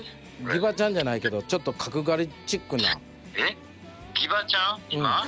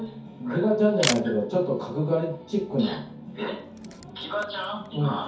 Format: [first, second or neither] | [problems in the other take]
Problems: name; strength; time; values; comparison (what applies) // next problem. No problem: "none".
first | background sound (Camera); 12 dB below the speech // room echo; dies away in 0.6 s